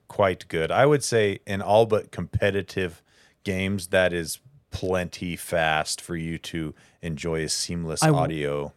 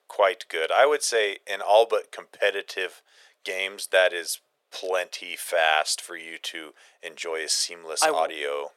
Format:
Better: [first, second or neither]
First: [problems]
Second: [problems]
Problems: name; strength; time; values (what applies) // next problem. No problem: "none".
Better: first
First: none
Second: thin; very; fading below 500 Hz